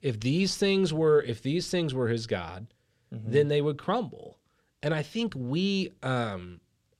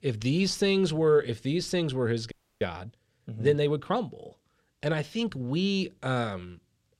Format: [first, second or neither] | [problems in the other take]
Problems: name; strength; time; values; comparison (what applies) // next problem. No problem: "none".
first | audio freezing; at 2.5 s